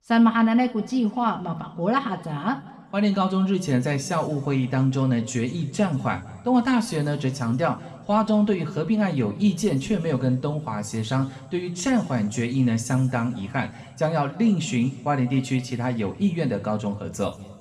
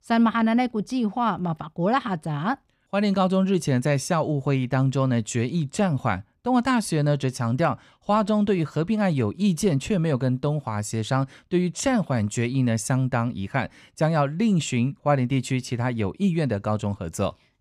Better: second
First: room echo; slight; dies away in 1.6 s // off-mic speech; somewhat distant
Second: none

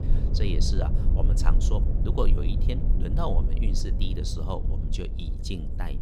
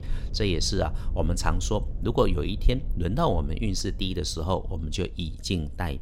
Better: second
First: low rumble; loud; throughout; 6 dB below the speech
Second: low rumble; faint; throughout; 20 dB below the speech

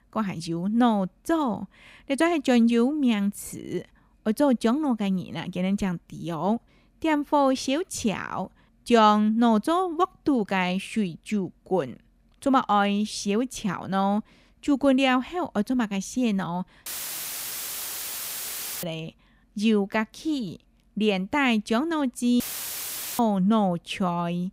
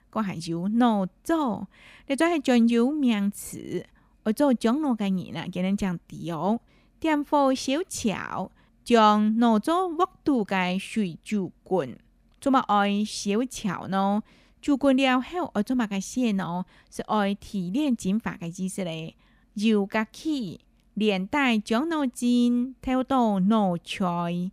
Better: second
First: audio cutting out; filled with static; at 17 s for 2 s and at 22 s for 1 s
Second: none

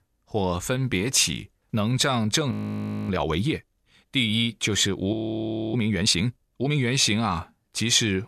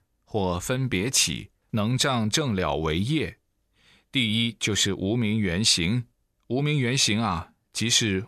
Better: second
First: audio freezing; at 2.5 s for 0.5 s and at 5 s for 0.5 s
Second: none

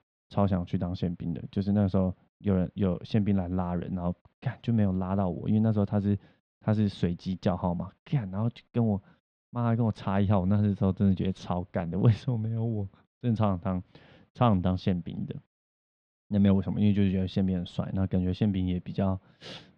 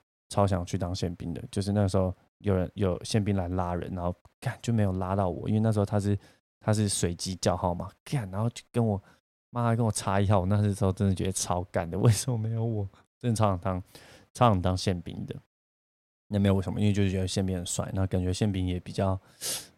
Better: second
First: muffled; slightly; fading above 3.5 kHz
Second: none

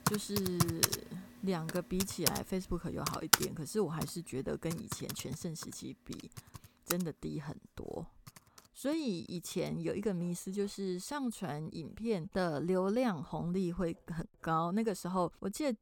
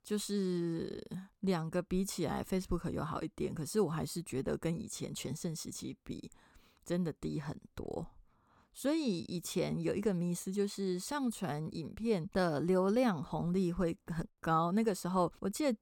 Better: second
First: household noises; very loud; throughout; 2 dB above the speech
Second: none

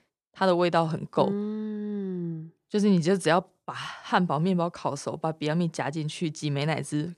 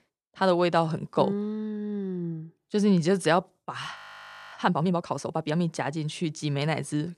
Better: first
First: none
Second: audio freezing; at 4 s for 0.5 s

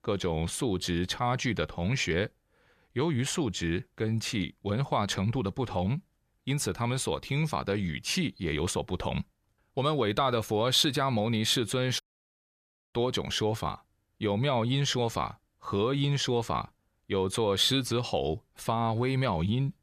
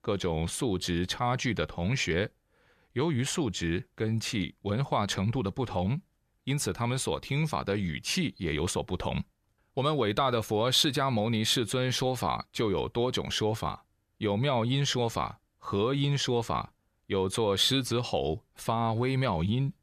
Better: second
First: audio cutting out; at 12 s for 1 s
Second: none

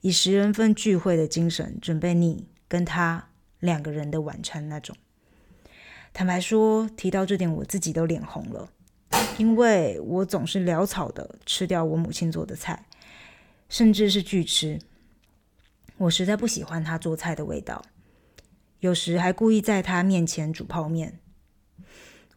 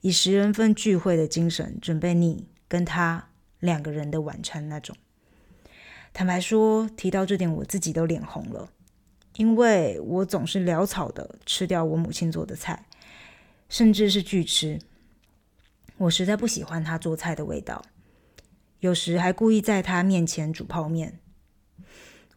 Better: second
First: clattering dishes; noticeable; at 9 s; peak level with the speech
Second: none

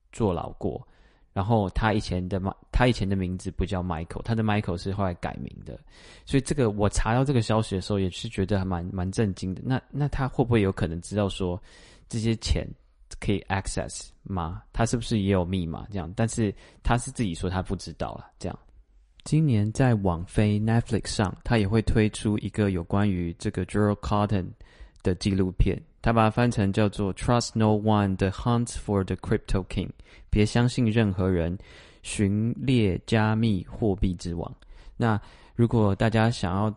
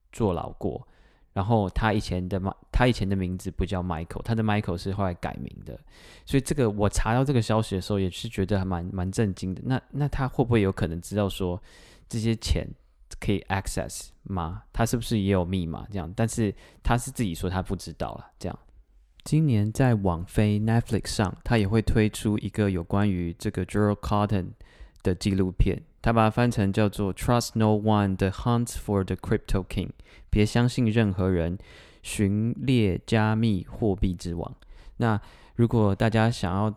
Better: second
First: garbled, watery; slightly; nothing above 10.5 kHz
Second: none

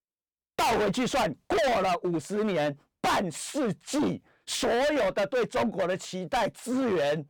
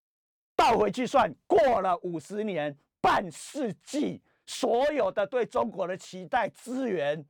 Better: second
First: distortion; heavy; 24% of the sound clipped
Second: none

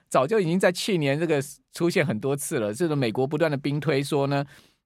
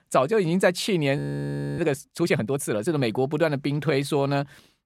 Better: first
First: none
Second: audio freezing; at 1 s for 0.5 s

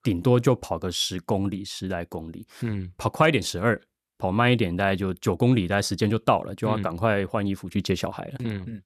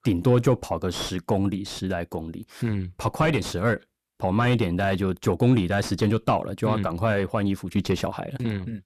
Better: first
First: none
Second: distortion; slight; 10 dB below the speech

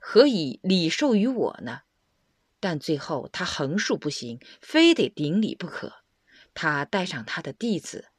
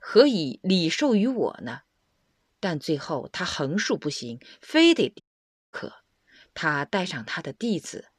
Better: first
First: none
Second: audio cutting out; at 5 s for 0.5 s

